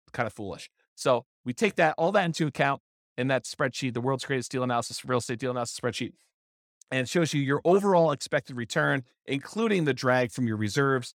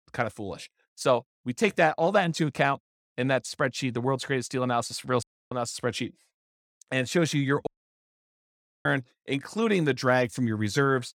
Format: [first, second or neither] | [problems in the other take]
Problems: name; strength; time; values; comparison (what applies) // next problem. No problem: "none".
first | audio cutting out; at 5 s and at 7.5 s for 1 s